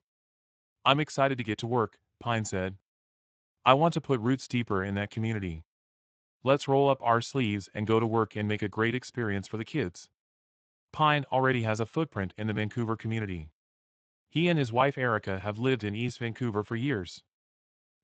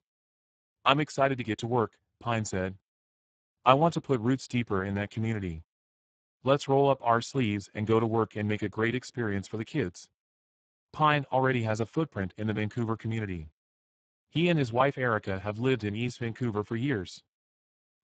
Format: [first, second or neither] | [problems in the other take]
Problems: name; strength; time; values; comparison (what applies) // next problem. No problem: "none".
first | garbled, watery; badly; nothing above 7.5 kHz; slightly in the first